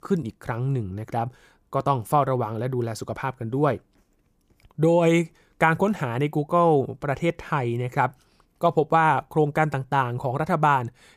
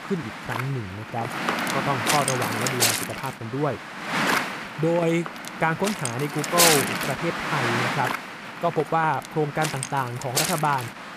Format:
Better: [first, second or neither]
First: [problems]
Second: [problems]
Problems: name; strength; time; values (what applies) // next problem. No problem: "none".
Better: first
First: none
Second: wind noise on the microphone; heavy; 1 dB above the speech